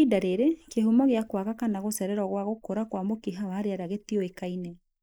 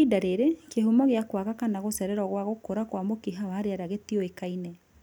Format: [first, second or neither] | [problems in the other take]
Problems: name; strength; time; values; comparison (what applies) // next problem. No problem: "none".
second | noise reduction (neural mask model Resemble Enhance denoiser)